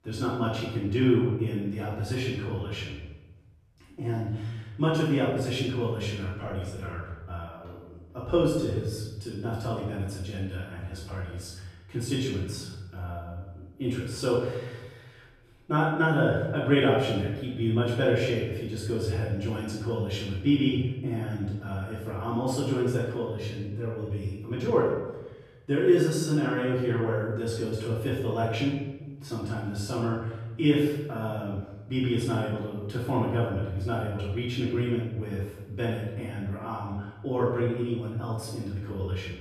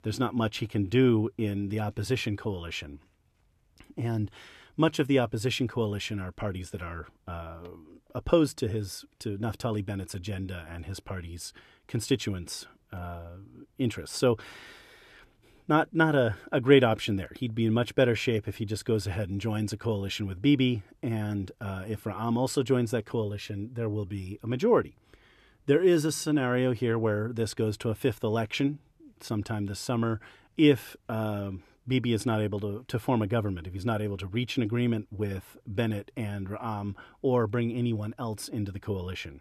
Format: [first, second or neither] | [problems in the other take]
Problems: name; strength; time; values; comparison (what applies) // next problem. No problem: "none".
second | off-mic speech; far // room echo; noticeable; dies away in 1 s